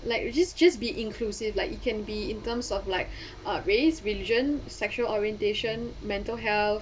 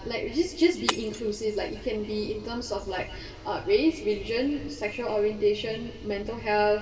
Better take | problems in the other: first | background sound (Shatter); 12 dB below the speech // room echo; dies away in 2.4 s

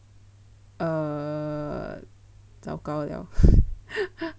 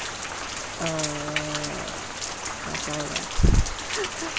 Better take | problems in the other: first | background sound (Rain); 4 dB below the speech

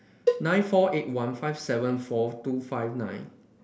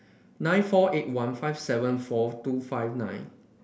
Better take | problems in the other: second | background sound (Cowbell); 3 dB below the speech

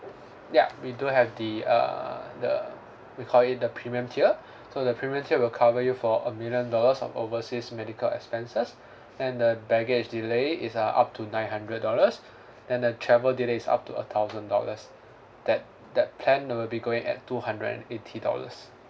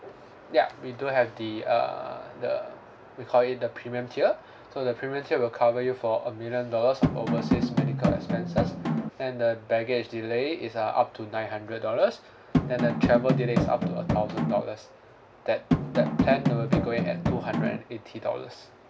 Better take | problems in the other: first | background sound (Drum); 2 dB above the speech

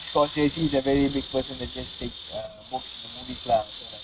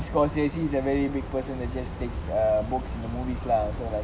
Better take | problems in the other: second | noise reduction (neural mask model RNNoise)

